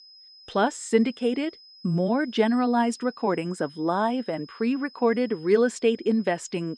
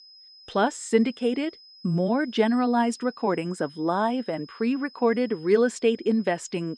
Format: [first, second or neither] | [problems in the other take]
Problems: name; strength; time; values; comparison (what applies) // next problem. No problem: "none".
neither | high-pitched whine; faint; throughout; 5 kHz, 25 dB below the speech; the same in both